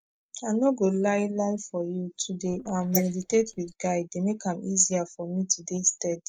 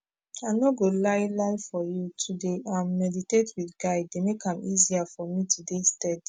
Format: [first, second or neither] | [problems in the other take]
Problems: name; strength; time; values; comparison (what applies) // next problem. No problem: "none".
second | noise reduction (neural mask model Resemble Enhance denoiser)